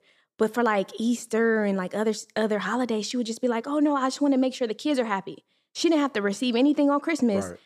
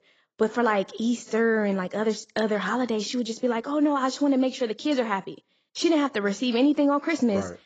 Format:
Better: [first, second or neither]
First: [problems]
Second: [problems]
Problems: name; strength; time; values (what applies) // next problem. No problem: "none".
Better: first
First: none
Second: garbled, watery; badly; nothing above 7.5 kHz